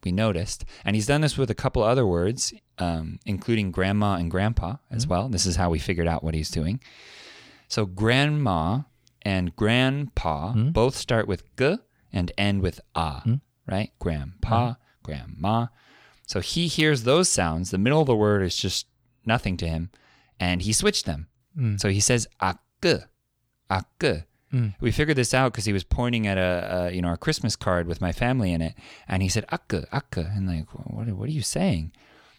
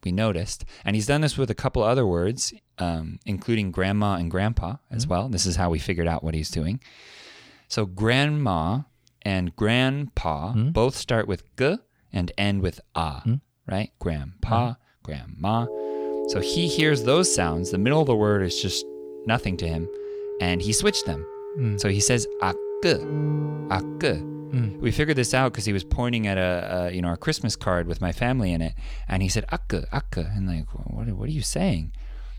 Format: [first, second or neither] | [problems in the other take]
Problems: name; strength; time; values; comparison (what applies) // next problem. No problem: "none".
first | background music; loud; from 16 s on; 9 dB below the speech